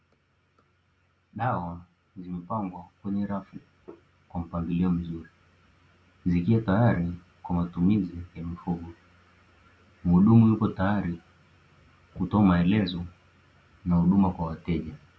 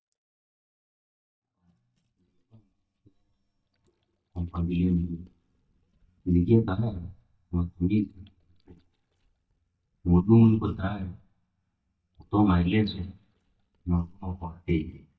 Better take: first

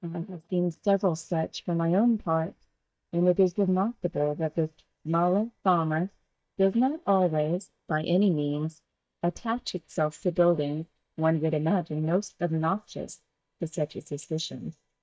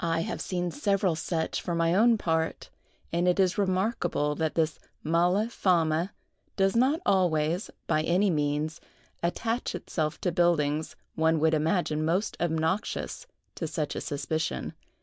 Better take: second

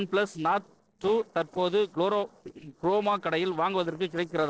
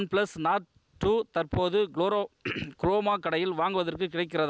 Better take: second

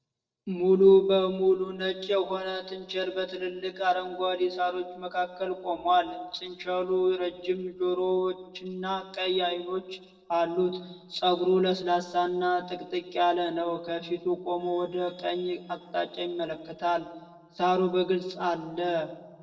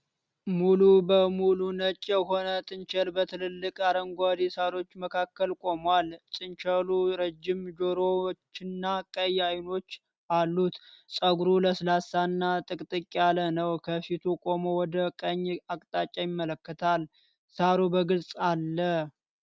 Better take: second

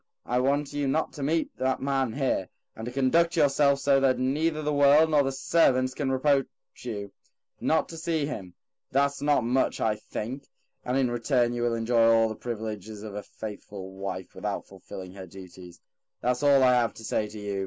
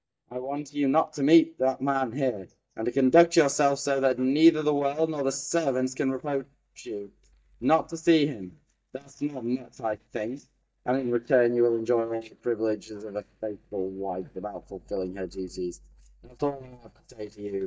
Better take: first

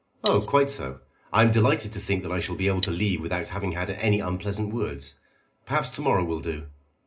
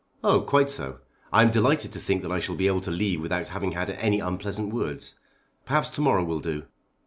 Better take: second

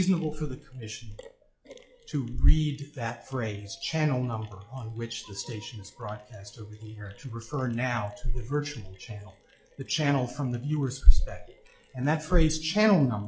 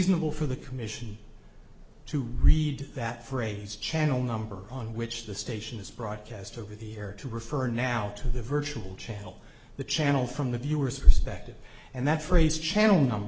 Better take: second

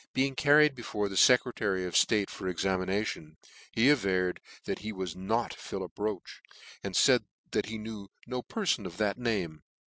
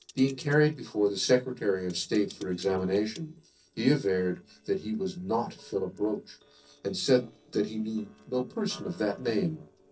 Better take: first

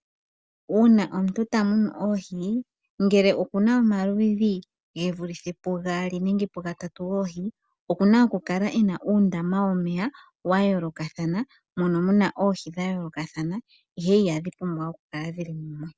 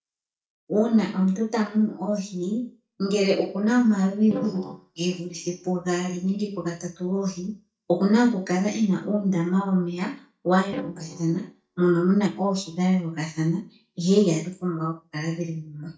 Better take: first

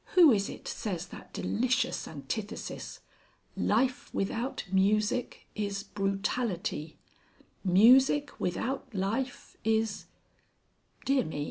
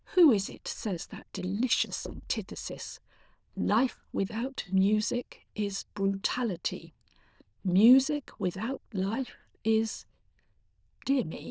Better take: first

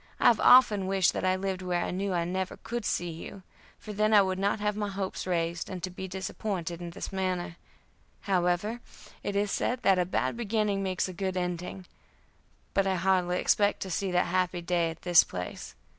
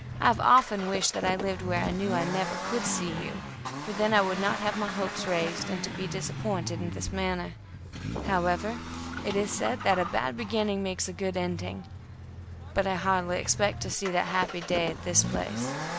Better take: first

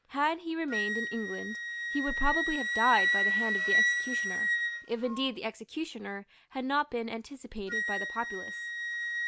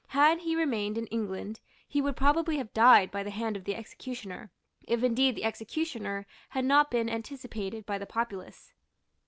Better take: second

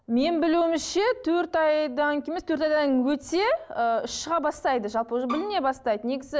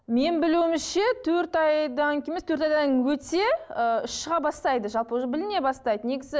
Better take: second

